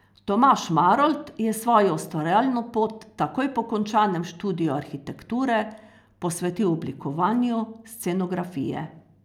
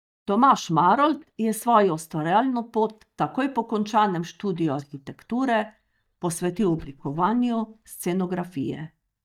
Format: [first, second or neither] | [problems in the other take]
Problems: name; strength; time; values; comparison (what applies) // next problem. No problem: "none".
first | noise reduction (neural mask model DeepFilterNet 3)